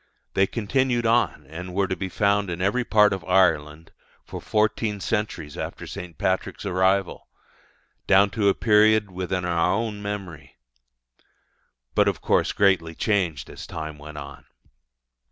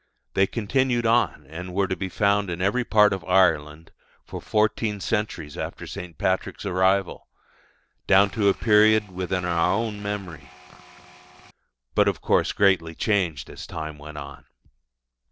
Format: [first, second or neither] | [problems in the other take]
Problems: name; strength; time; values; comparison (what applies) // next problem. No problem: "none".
first | noise reduction (neural separator model SepFormer DNS4)